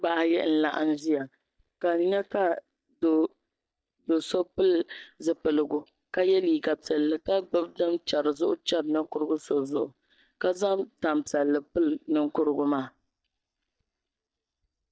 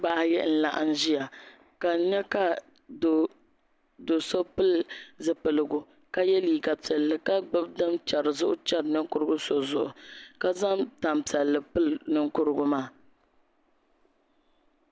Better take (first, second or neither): second